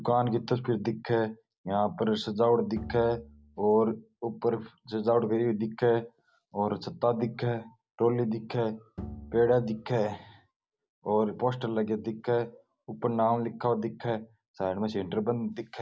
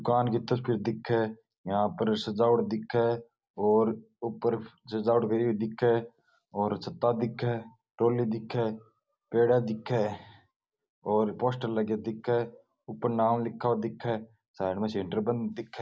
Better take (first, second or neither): second